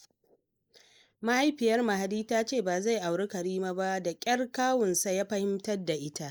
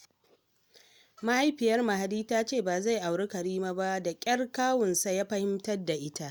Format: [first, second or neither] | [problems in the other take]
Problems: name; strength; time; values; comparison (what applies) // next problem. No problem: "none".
second | noise reduction (neural mask model Resemble Enhance denoiser)